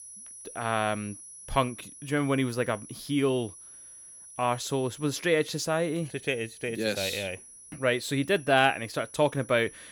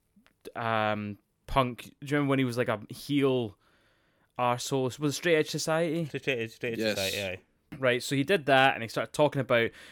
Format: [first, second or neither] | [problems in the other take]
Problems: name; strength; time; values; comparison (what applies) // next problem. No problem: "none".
second | high-pitched whine; noticeable; throughout; 10 kHz, 15 dB below the speech